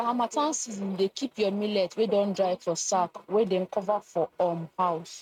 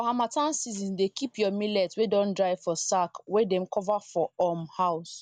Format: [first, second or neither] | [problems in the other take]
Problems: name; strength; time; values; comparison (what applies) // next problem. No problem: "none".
second | noise reduction (neural mask model RNNoise)